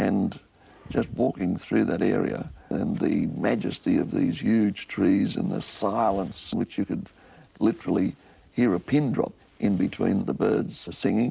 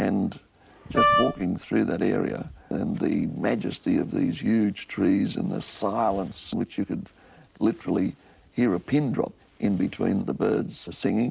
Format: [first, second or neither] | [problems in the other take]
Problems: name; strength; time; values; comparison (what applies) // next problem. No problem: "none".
first | background sound (Wind instrument, woodwind instrument); 3 dB above the speech